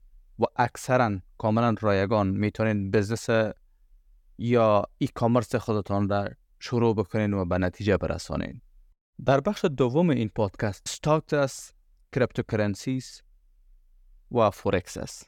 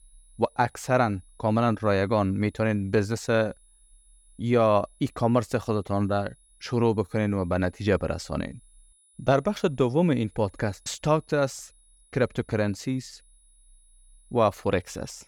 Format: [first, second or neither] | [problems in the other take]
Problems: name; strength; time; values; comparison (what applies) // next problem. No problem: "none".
first | high-pitched whine; faint; throughout; 10 kHz, 35 dB below the speech